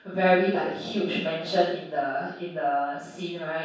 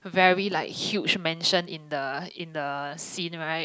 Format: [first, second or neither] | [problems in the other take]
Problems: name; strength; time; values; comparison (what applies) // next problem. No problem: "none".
second | room echo; dies away in 0.7 s